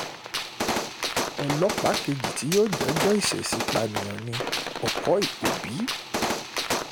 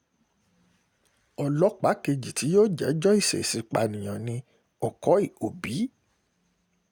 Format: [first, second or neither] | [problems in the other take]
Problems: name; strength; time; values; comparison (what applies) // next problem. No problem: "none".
second | background sound (Gunshot, gunfire); 1 dB below the speech